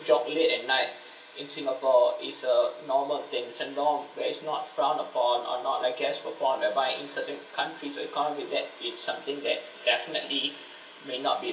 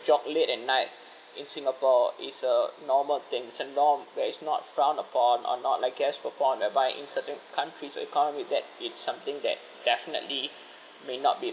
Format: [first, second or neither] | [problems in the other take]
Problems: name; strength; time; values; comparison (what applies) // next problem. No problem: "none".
second | room echo; dies away in 0.3 s